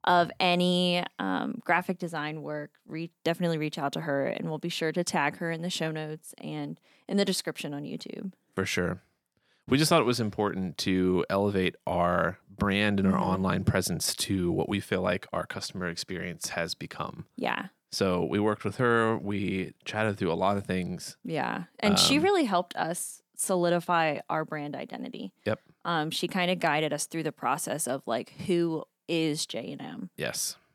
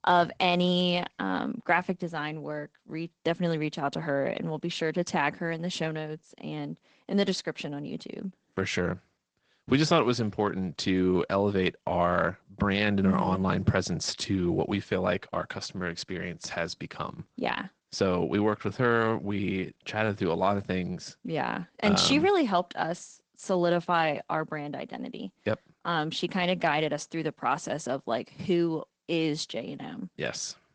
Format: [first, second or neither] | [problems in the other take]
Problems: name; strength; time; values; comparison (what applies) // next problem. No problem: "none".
first | garbled, watery; slightly; nothing above 8 kHz